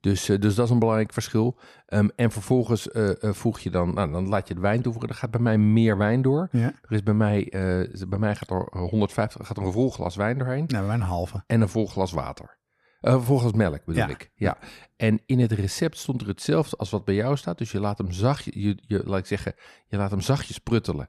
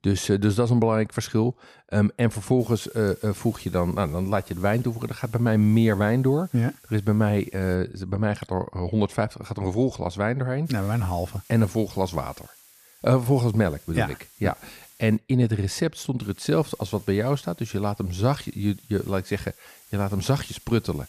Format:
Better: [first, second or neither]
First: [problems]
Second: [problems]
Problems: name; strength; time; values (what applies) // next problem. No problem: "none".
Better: first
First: none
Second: hiss; faint; from 2.5 to 8 s, from 11 to 15 s and from 16 s on; 25 dB below the speech